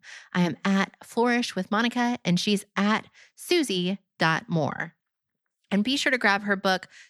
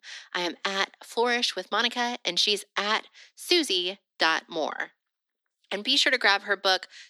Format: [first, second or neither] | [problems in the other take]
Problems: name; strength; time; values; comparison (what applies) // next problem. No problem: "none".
first | thin; somewhat; fading below 300 Hz